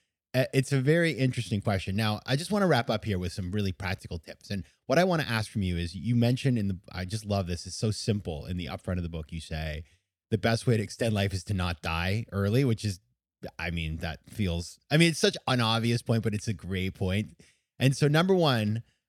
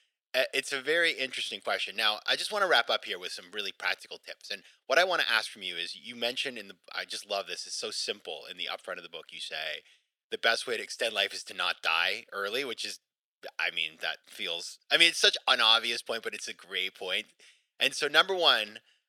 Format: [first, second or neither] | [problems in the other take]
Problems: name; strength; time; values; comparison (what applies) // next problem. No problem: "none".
first | thin; very; fading below 500 Hz